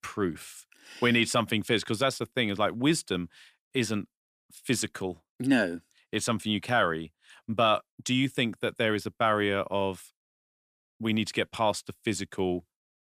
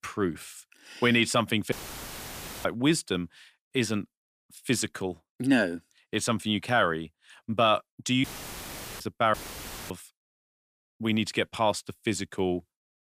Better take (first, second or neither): first